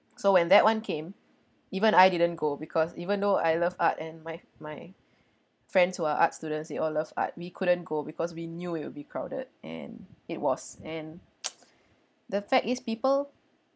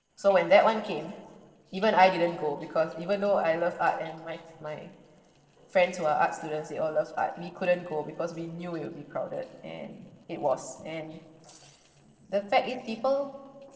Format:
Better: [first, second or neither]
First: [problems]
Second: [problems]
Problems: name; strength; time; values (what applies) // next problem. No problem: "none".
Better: first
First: none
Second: noise reduction (neural separator model SepFormer DNS4)